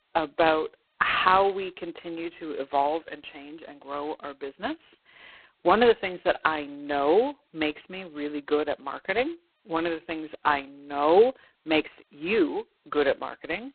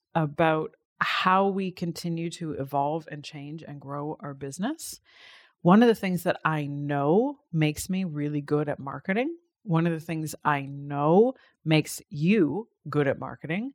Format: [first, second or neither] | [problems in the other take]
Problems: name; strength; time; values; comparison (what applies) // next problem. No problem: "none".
second | phone-call audio; poor line; nothing above 4 kHz